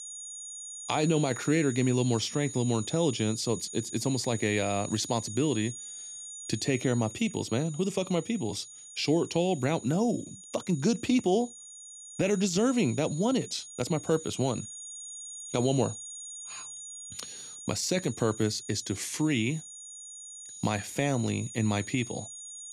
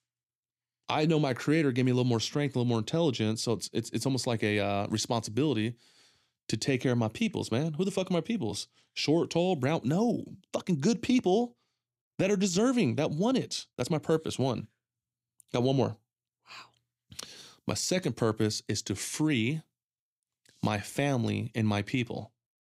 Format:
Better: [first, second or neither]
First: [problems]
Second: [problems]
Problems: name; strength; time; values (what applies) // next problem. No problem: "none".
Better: second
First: high-pitched whine; noticeable; throughout; 7 kHz, 10 dB below the speech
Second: none